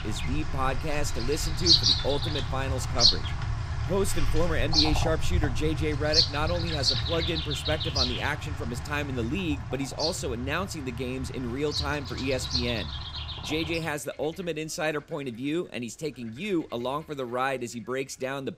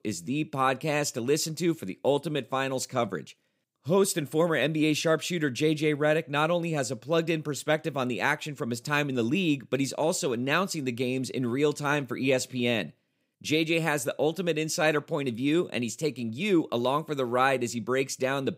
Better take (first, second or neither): second